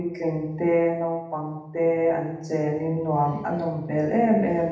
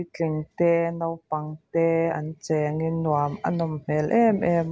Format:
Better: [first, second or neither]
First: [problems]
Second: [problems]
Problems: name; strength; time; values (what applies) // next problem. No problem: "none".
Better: second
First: room echo; dies away in 0.8 s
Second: none